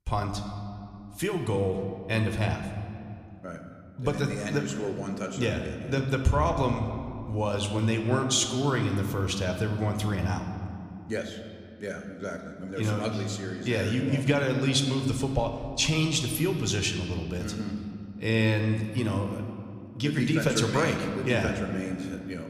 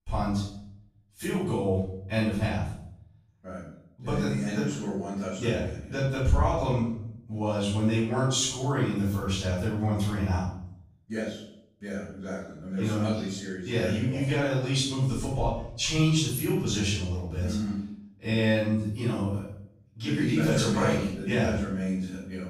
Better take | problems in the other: first | room echo; strong; dies away in 0.6 s; slight in the first // off-mic speech; far

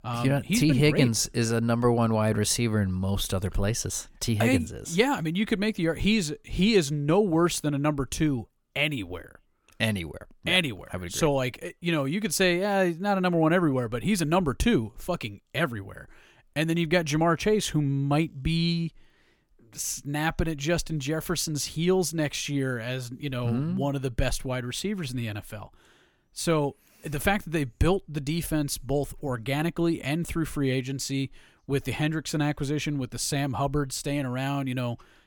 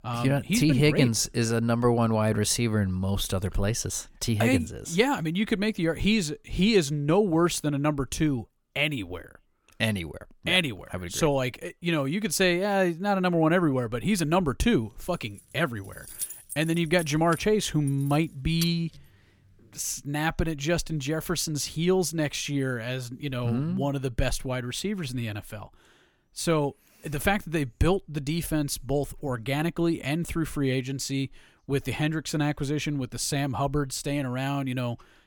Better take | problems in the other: first | jangling keys; noticeable; from 15 to 19 s; peak 7 dB below the speech

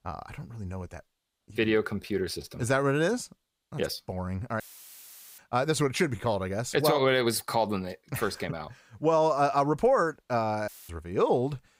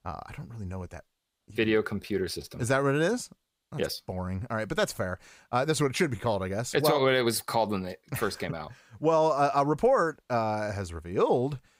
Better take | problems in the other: second | audio cutting out; filled with static; at 4.5 s for 1 s and at 11 s

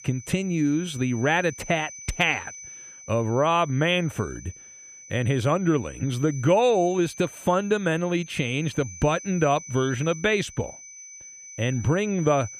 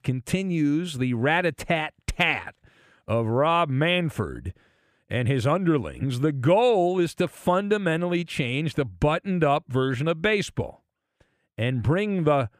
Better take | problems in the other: second | high-pitched whine; noticeable; throughout; 6 kHz, 15 dB below the speech

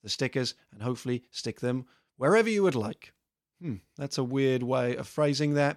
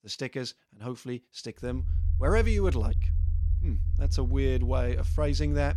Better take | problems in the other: first | low rumble; noticeable; from 2 s on; 15 dB below the speech

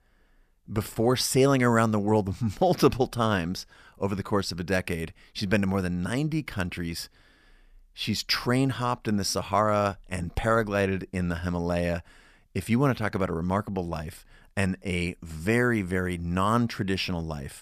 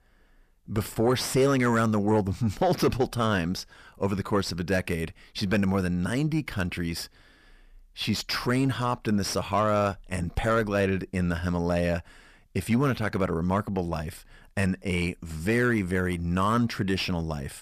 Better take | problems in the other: first | distortion; slight; 10 dB below the speech

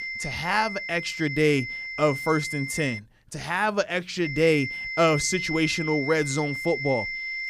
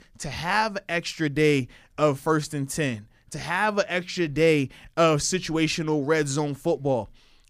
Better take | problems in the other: second | high-pitched whine; loud; until 3 s and from 4.5 s on; 2 kHz, 6 dB below the speech

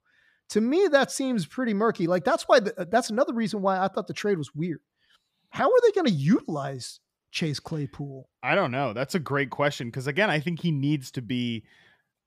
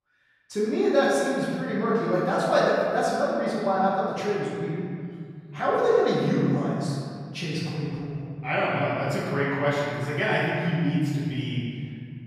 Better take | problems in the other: first | room echo; strong; dies away in 2.3 s // off-mic speech; far

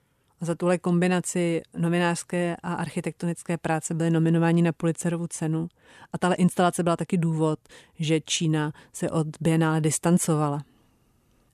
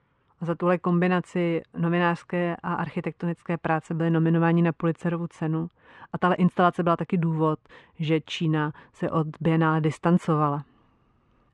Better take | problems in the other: first | muffled; very; fading above 2.5 kHz

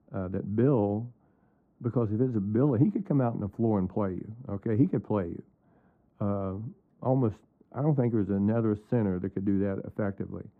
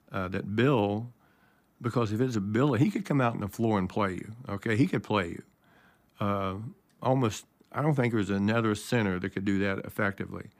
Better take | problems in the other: second | muffled; very; fading above 1.5 kHz

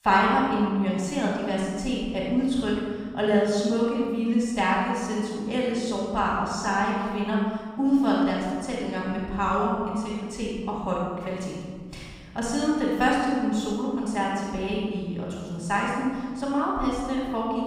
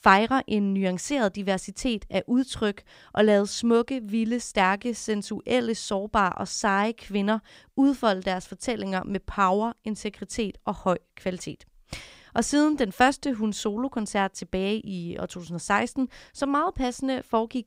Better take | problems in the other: second | room echo; strong; dies away in 1.7 s // off-mic speech; far

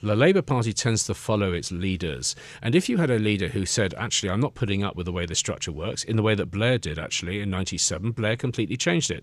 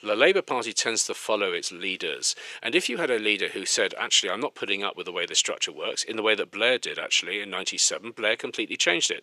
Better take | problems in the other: first | thin; very; fading below 400 Hz

